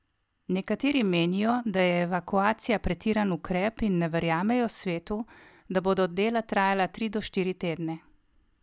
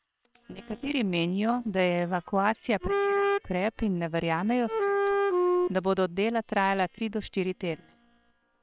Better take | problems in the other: first | noise reduction (neural separator model SepFormer WHAM!)

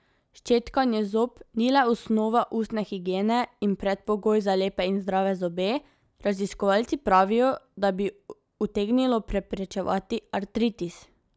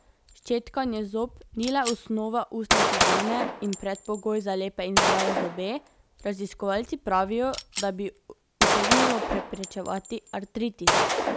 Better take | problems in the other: first | background sound (Gunshot, gunfire); 1 dB above the speech

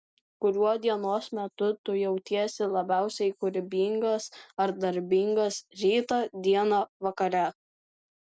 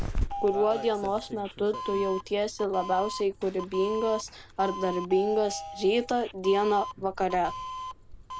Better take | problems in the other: first | background sound (Doorbell); 8 dB below the speech

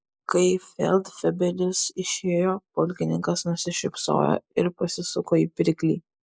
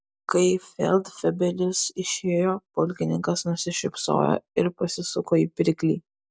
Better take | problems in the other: second | noise reduction (neural mask model Resemble Enhance denoiser)

